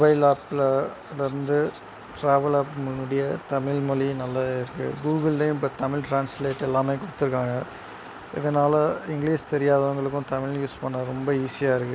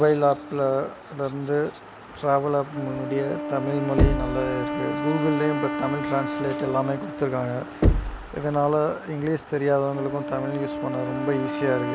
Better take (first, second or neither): first